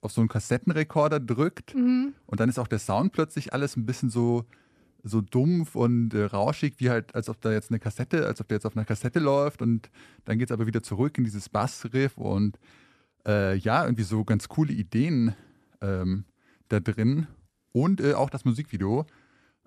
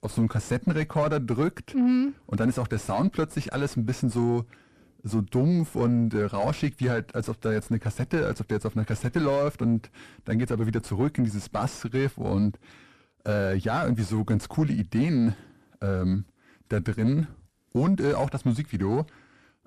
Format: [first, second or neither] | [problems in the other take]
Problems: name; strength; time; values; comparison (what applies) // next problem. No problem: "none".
first | distortion; slight; 8 dB below the speech